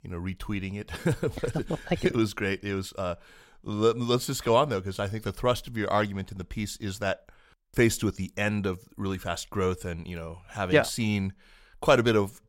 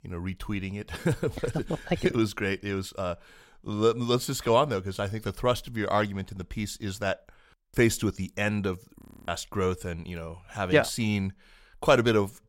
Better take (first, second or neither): first